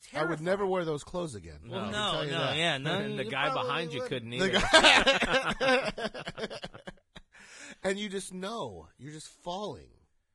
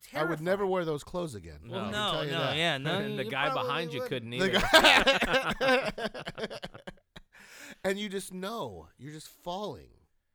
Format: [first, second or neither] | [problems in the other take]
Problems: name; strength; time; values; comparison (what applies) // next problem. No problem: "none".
second | garbled, watery; badly; nothing above 10.5 kHz